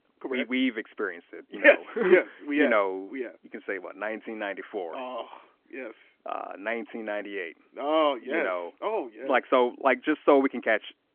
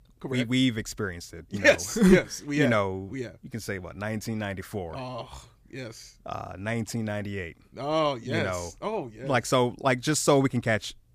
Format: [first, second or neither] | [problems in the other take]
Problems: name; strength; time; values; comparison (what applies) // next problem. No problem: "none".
second | phone-call audio; nothing above 3.5 kHz